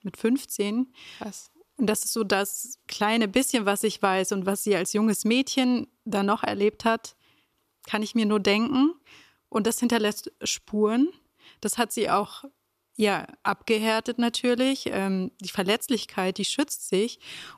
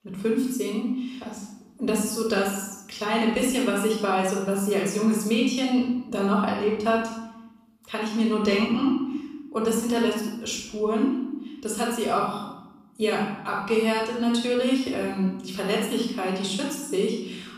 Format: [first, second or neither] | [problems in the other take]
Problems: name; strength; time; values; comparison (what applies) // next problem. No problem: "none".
first | off-mic speech; far // room echo; noticeable; dies away in 0.9 s